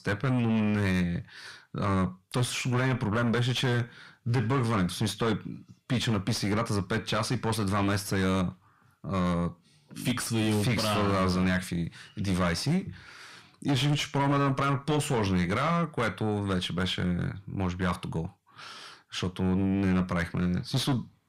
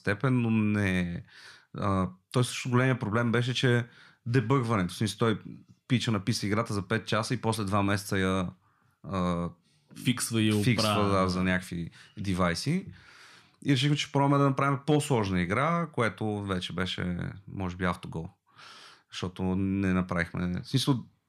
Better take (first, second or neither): second